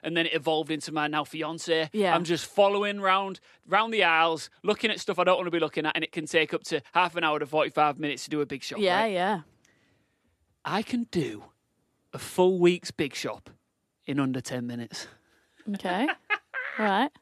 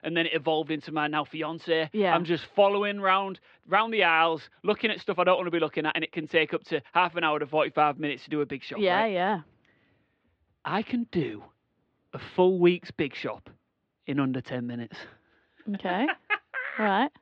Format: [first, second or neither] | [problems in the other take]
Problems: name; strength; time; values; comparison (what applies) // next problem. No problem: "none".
first | muffled; slightly; fading above 3.5 kHz